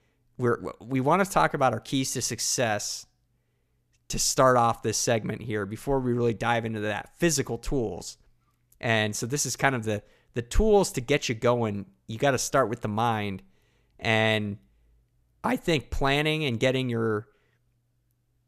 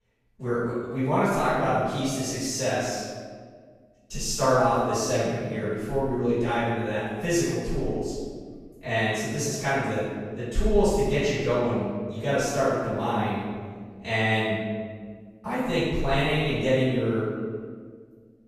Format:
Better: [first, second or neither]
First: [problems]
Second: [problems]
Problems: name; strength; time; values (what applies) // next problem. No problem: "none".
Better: first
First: none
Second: off-mic speech; far // room echo; strong; dies away in 1.7 s